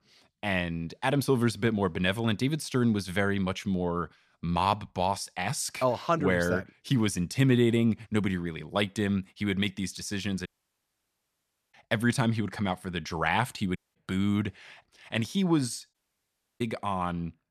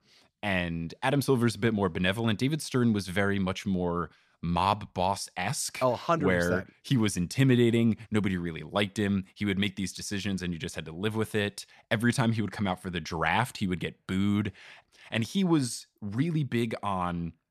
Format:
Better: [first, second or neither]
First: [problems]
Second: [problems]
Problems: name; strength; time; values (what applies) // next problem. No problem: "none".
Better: second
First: audio cutting out; at 10 s for 1.5 s, at 14 s and at 16 s for 0.5 s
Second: none